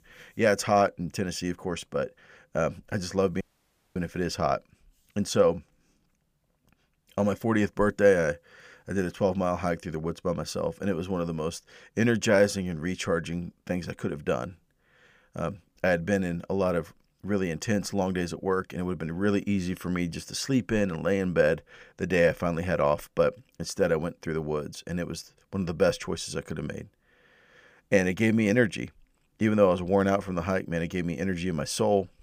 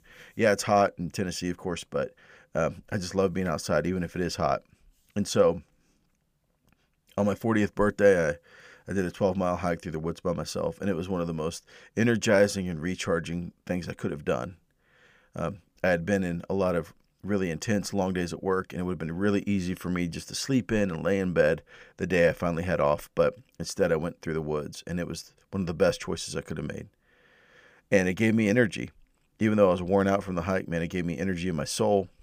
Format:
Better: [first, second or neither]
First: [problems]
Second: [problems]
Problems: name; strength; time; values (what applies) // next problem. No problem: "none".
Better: second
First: audio cutting out; at 3.5 s for 0.5 s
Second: none